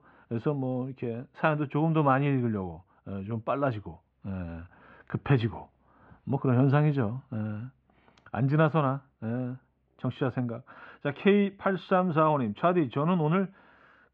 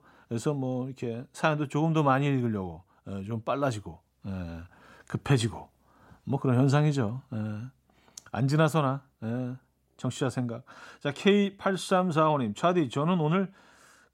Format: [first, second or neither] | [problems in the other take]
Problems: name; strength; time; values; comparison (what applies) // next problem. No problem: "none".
second | muffled; very; fading above 3 kHz